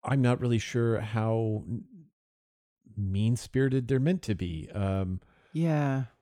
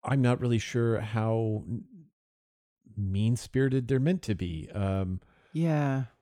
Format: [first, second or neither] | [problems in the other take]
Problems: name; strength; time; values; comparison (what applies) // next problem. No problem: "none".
neither | none